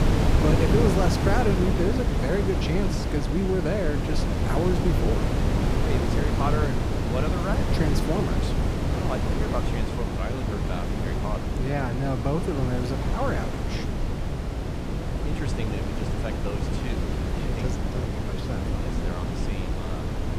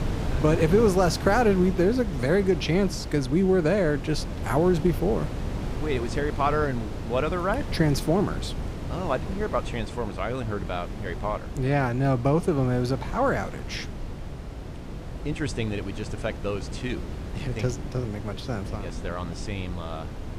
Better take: second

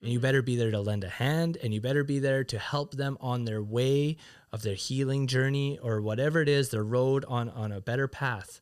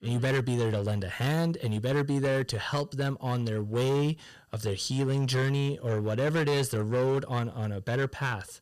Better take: first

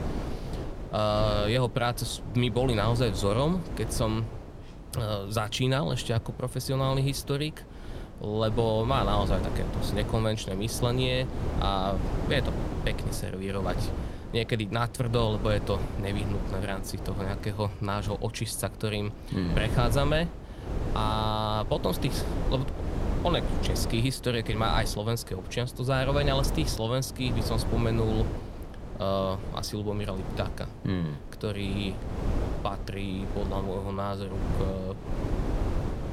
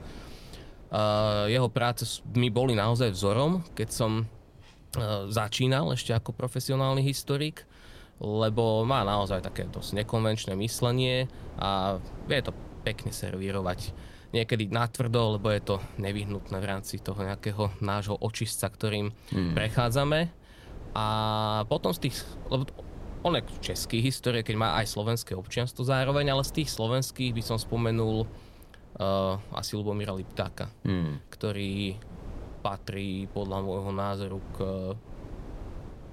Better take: second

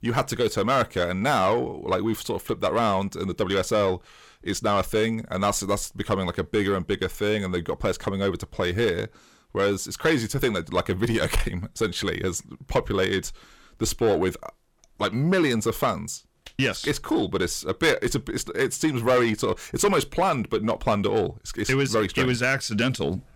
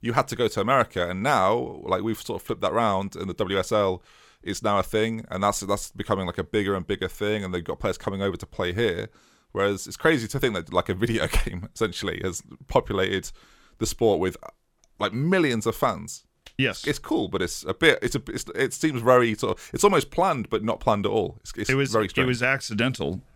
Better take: second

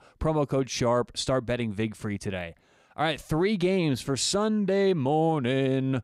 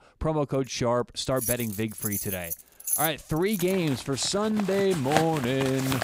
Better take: first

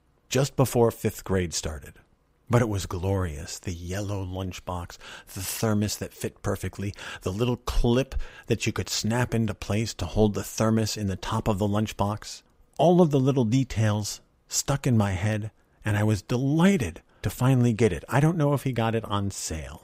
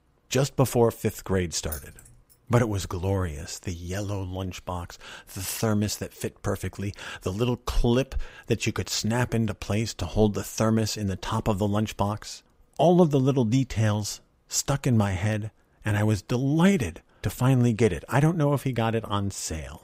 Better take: first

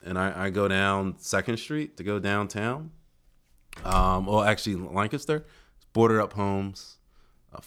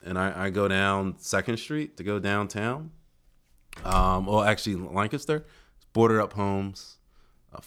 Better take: neither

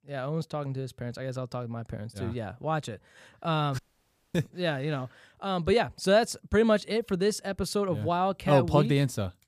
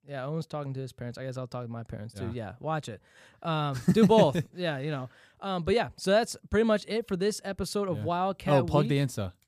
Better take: second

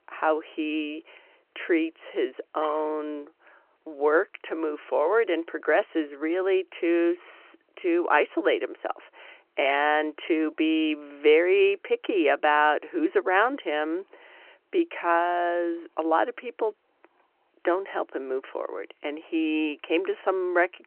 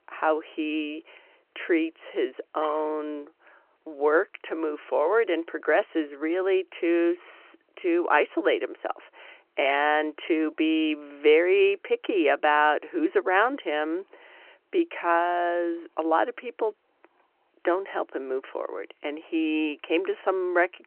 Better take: neither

